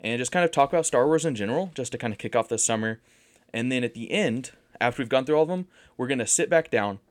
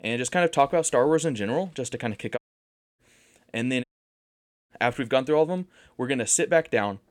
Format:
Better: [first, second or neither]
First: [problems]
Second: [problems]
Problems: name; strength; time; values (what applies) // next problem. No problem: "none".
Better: first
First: none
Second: audio cutting out; at 2.5 s for 0.5 s and at 4 s for 1 s